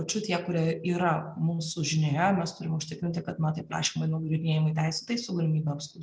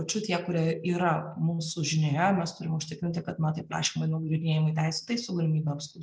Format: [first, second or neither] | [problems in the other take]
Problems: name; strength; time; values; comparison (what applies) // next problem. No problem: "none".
first | noise reduction (neural mask model Resemble Enhance denoiser)